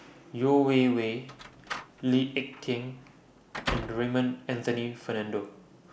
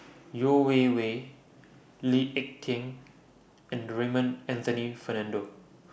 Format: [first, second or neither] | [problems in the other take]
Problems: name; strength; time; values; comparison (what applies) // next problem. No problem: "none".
second | background sound (Slam); 11 dB below the speech